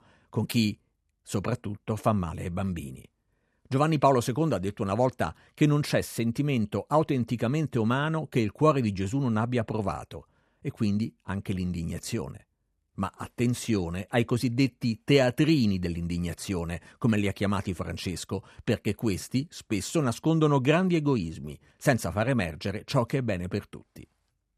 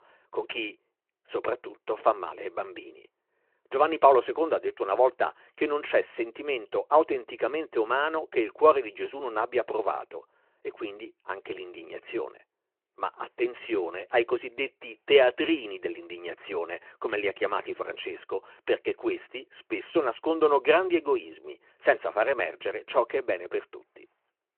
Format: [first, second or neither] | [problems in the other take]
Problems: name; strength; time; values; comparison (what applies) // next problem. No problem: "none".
first | phone-call audio